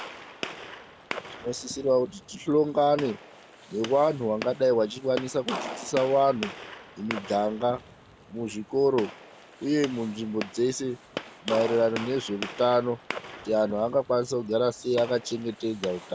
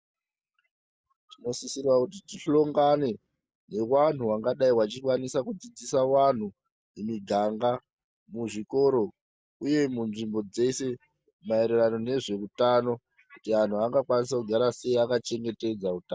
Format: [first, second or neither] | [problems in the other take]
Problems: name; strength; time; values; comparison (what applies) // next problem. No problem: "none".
second | background sound (Gunshot, gunfire); 13 dB below the speech